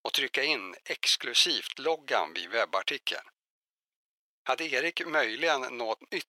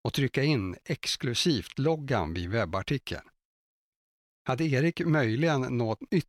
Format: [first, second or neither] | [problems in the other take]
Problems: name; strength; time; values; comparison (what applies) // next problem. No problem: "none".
second | thin; very; fading below 550 Hz